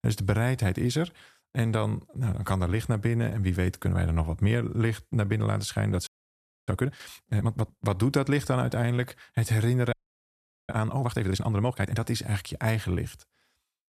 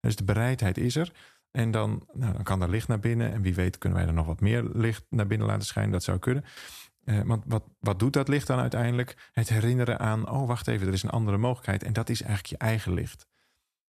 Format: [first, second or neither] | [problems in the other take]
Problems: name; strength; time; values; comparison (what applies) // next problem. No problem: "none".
second | audio freezing; at 6 s for 0.5 s and at 10 s for 1 s